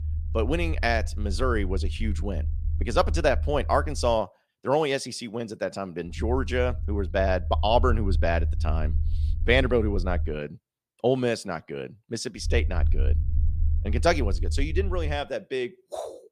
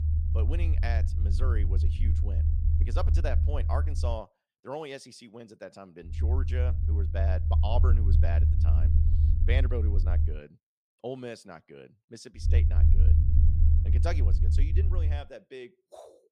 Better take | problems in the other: first | low rumble; loud; until 4 s, from 6 to 10 s and from 12 to 15 s; 4 dB below the speech; faint in the first

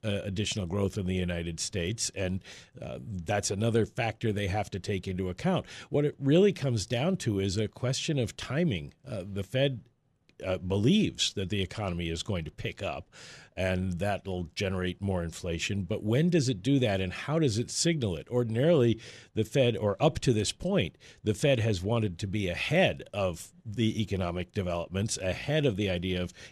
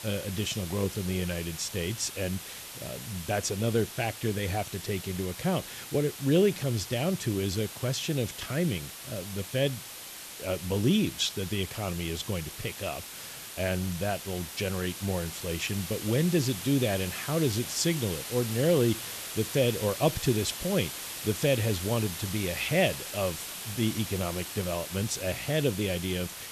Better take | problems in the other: first | hiss; loud; throughout; 8 dB below the speech

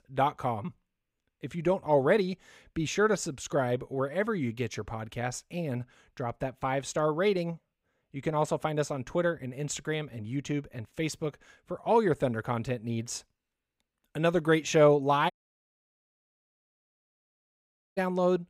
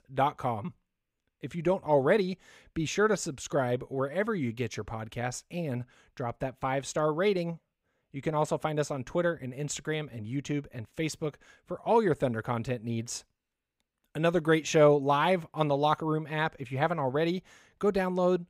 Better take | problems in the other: second | audio cutting out; at 15 s for 2.5 s

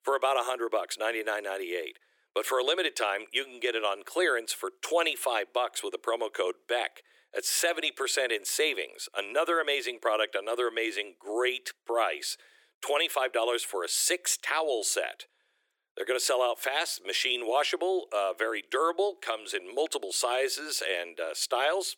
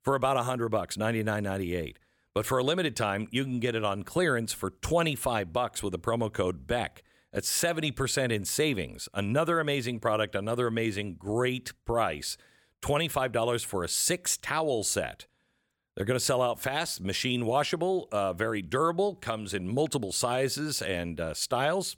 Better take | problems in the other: second | thin; very; fading below 350 Hz

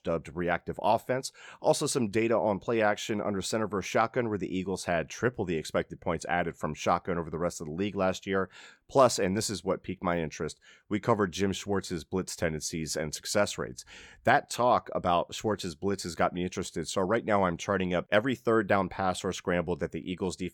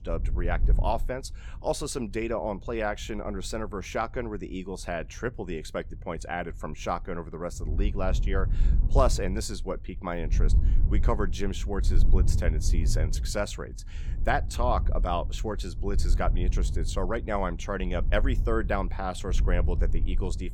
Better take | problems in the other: first | wind noise on the microphone; occasional gusts; 15 dB below the speech

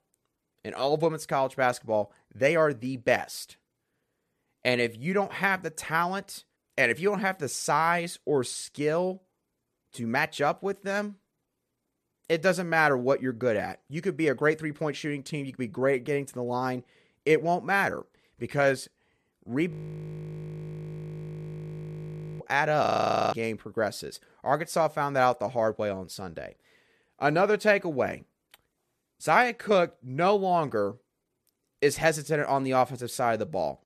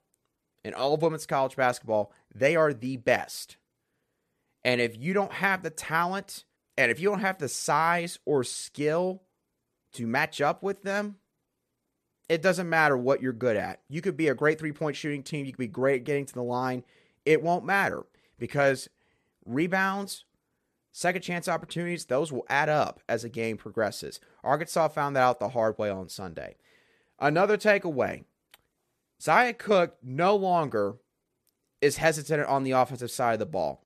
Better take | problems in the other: second | audio freezing; at 20 s for 2.5 s and at 23 s

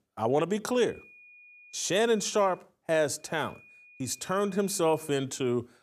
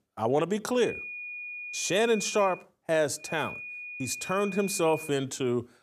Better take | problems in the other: first | high-pitched whine; loud; from 1 to 2.5 s and from 3.5 to 5 s; 2.5 kHz, 9 dB below the speech; faint in the first

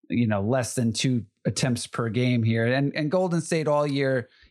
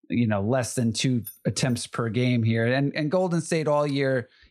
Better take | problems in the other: first | jangling keys; faint; at 1.5 s; peak 15 dB below the speech

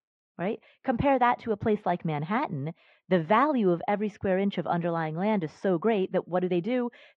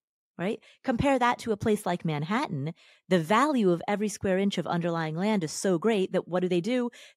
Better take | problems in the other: second | muffled; very; fading above 3 kHz

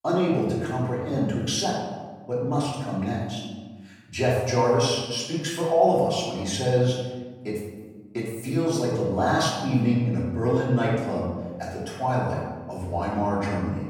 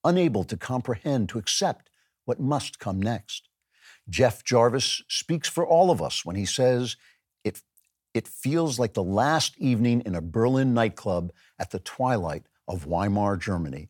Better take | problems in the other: second | room echo; noticeable; dies away in 1.3 s // off-mic speech; far

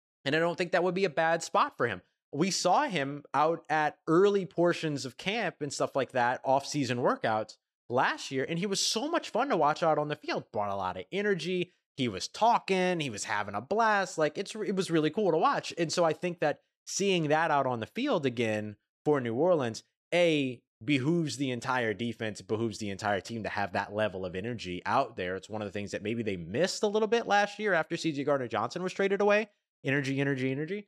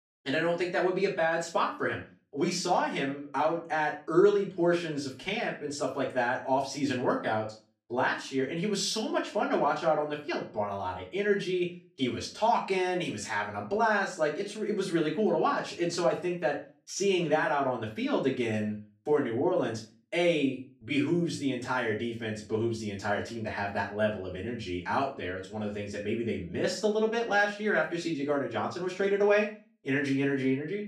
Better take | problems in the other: first | off-mic speech; far // room echo; slight; dies away in 0.3 s

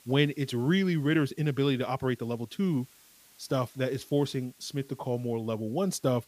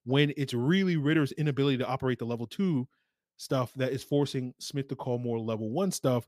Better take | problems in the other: second | hiss; faint; throughout; 25 dB below the speech

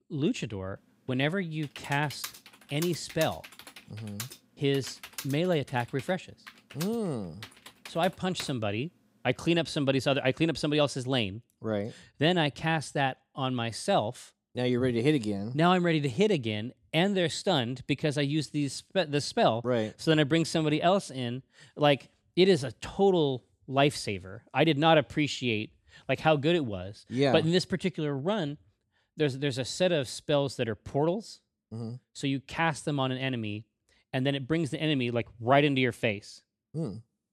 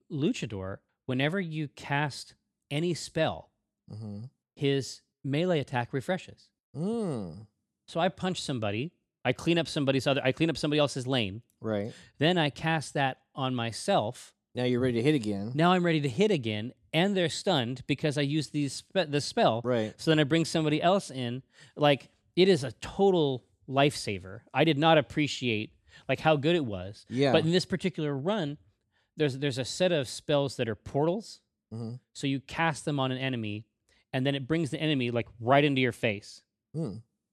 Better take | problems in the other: second | keyboard typing; faint; from 1.5 to 8.5 s; peak 10 dB below the speech

